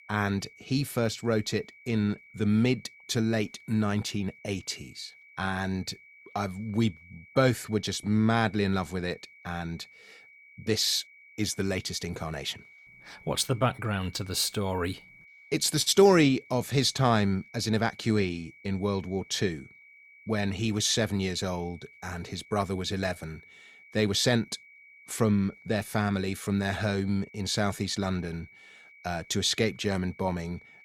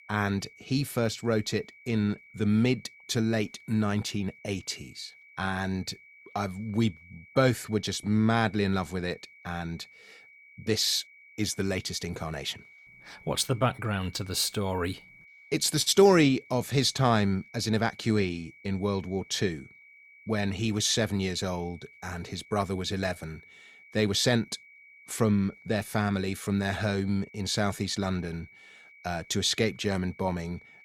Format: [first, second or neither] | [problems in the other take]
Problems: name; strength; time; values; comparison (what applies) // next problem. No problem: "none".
neither | high-pitched whine; faint; throughout; 2.5 kHz, 25 dB below the speech; the same in both